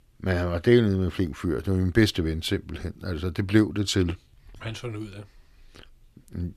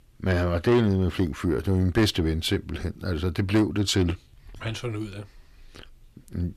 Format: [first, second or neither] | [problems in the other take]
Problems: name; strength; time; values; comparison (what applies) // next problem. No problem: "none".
first | distortion; slight; 10 dB below the speech